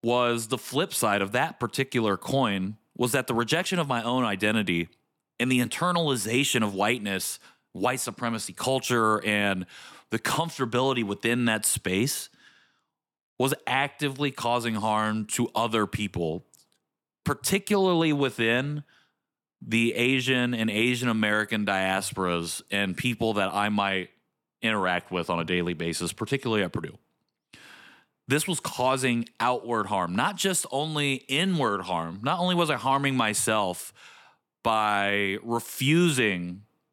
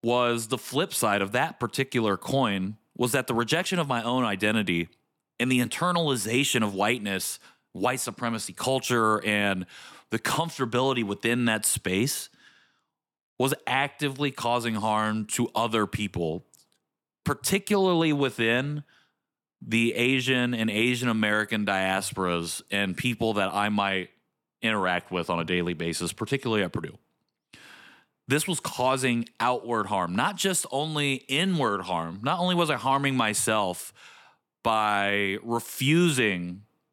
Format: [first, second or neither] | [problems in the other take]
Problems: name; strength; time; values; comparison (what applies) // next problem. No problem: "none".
neither | none